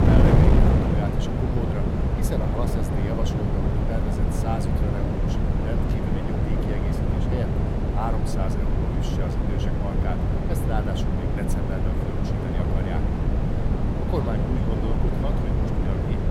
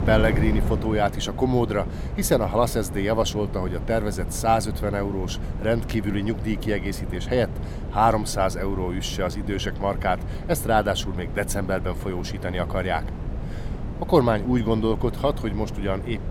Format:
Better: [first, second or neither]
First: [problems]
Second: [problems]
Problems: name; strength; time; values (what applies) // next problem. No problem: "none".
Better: second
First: wind noise on the microphone; heavy; 5 dB above the speech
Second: wind noise on the microphone; occasional gusts; 15 dB below the speech